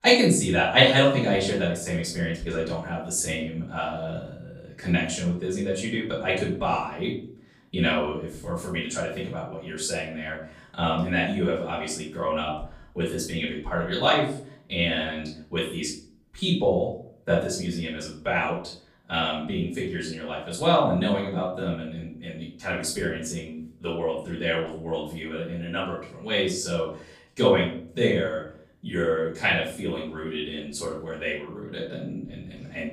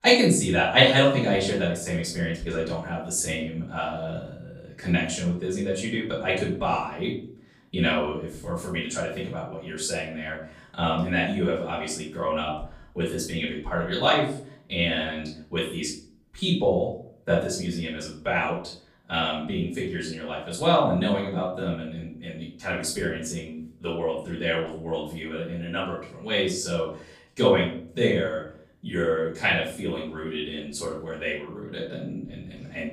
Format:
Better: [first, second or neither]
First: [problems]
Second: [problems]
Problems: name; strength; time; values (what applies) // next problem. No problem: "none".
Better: neither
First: off-mic speech; far // room echo; noticeable; dies away in 0.5 s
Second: off-mic speech; far // room echo; noticeable; dies away in 0.5 s